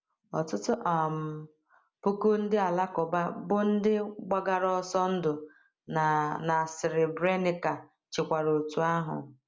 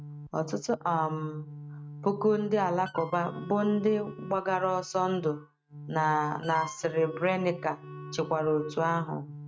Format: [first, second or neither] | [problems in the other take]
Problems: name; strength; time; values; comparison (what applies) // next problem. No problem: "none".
first | noise reduction (neural mask model RNNoise)